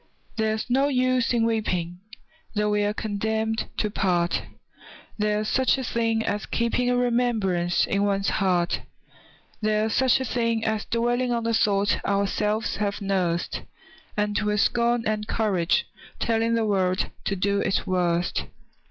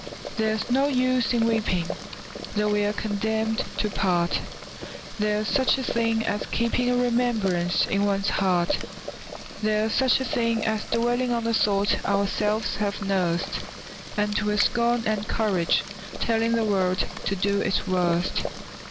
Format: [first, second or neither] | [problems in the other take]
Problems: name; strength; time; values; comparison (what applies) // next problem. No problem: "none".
first | background sound (Boiling); 11 dB below the speech